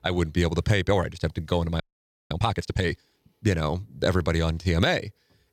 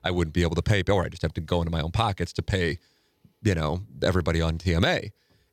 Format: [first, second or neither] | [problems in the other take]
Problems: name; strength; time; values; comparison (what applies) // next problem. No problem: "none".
second | audio freezing; at 2 s